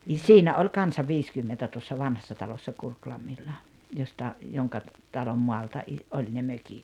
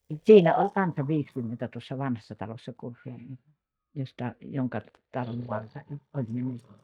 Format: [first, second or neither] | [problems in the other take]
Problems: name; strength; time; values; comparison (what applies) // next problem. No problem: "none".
first | noise reduction (neural mask model DeepFilterNet 3)